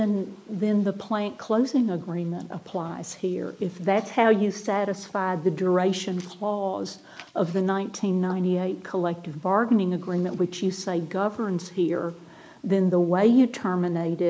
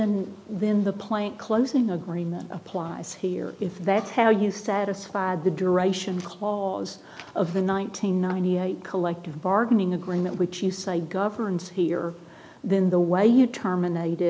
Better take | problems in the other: second | noise reduction (neural mask model Resemble Enhance denoiser)

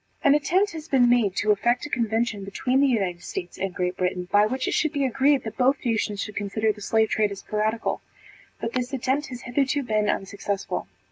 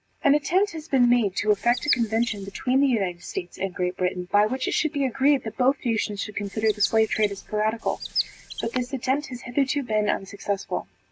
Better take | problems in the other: first | background sound (Chirp, tweet); 9 dB below the speech

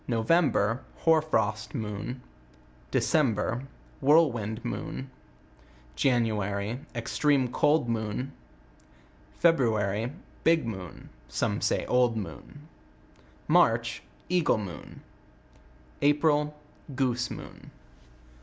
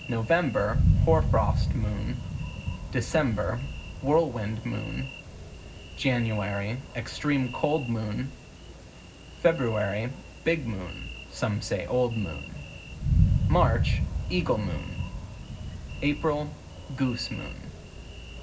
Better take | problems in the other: first | background sound (Thunder); 2 dB below the speech // room echo; dies away in 0.4 s

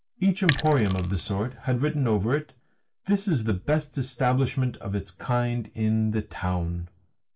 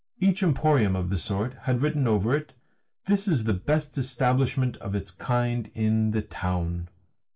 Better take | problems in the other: second | background sound (Sink (filling or washing)); 9 dB below the speech

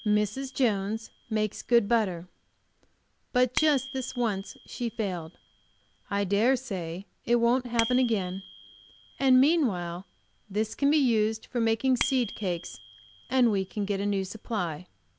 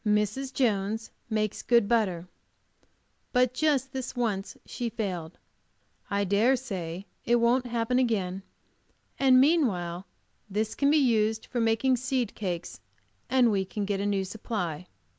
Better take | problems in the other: second | background sound (Bicycle bell); 16 dB below the speech

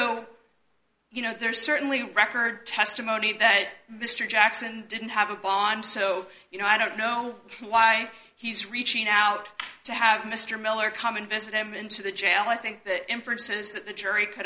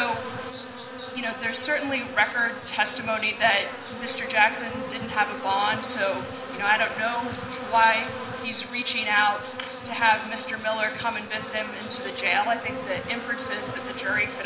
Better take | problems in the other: first | background sound (Insect); 8 dB below the speech // room echo; dies away in 1.1 s

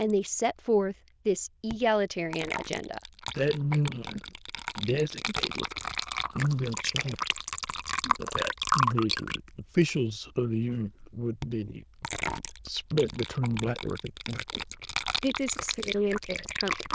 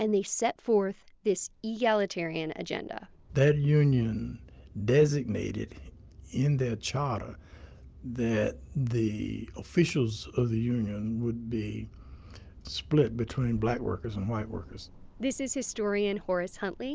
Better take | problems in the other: second | noise reduction (neural diffusion model UNIVERSE++)

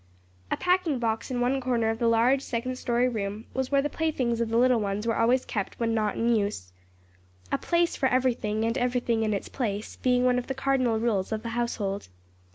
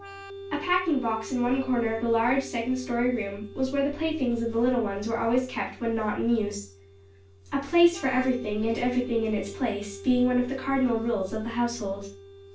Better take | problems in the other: first | background sound (Organ); 17 dB below the speech // room echo; dies away in 0.3 s

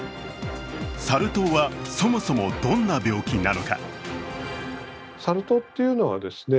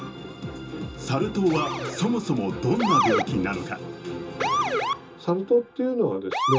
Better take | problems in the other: first | background sound (Motor vehicle (road) / Siren); 3 dB below the speech // room echo; dies away in 0.2 s

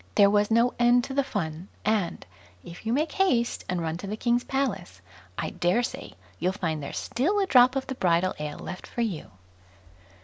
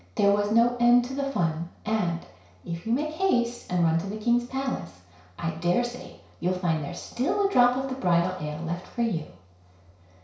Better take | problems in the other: first | room echo; dies away in 0.6 s

